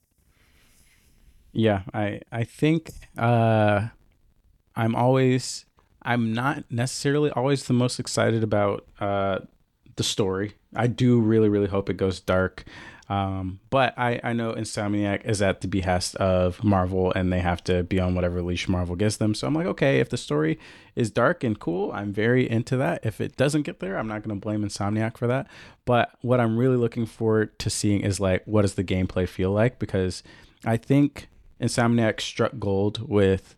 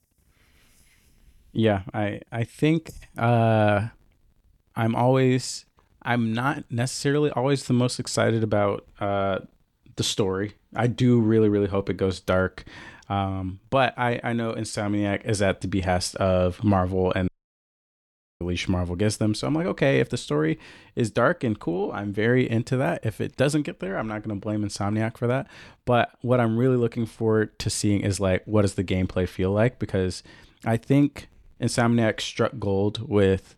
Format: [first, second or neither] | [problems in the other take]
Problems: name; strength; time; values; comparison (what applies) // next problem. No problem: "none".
first | audio cutting out; at 17 s for 1 s